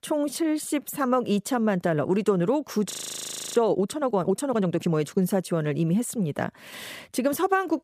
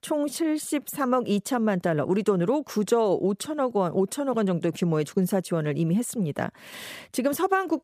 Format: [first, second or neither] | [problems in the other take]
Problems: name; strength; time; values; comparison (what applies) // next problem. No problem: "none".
second | audio freezing; at 3 s for 0.5 s